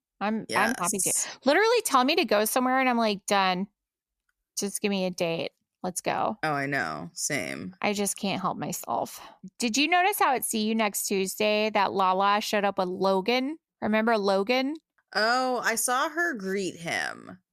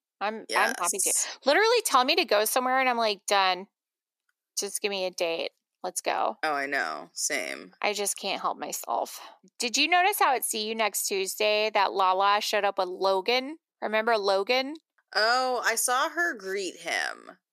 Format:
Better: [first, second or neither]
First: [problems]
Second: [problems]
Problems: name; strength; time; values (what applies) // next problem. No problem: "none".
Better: first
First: none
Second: thin; somewhat; fading below 350 Hz